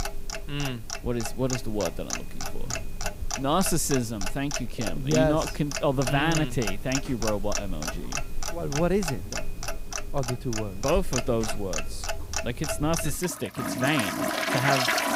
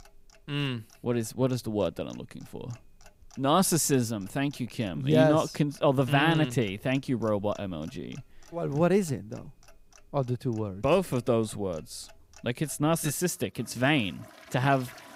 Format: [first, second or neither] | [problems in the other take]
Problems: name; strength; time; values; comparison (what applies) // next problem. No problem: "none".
second | household noises; loud; throughout; 4 dB below the speech; faint in the second